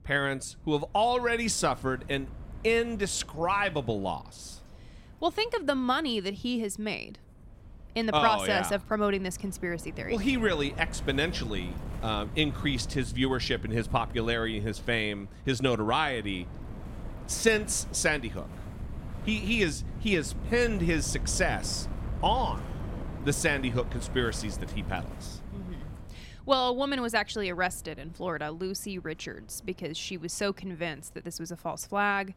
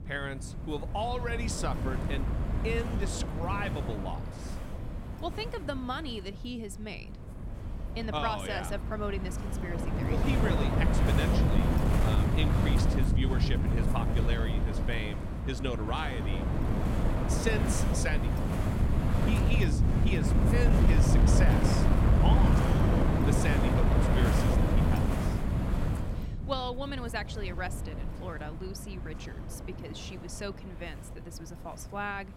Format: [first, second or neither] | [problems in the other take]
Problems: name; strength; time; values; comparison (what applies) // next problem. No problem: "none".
first | wind noise on the microphone; heavy; 1 dB above the speech; occasional gusts in the first